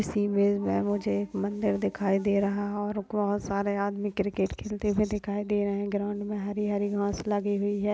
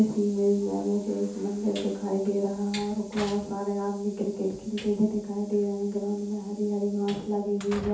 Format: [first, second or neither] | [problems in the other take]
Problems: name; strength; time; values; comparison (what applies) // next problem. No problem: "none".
first | background sound (Train); 18 dB below the speech // room echo; dies away in 0.5 s